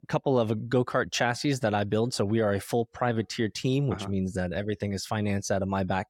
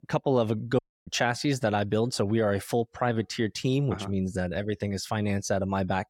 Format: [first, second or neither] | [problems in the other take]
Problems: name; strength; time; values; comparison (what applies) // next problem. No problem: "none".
first | audio cutting out; at 1 s